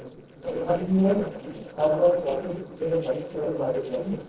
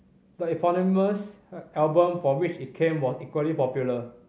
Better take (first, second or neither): second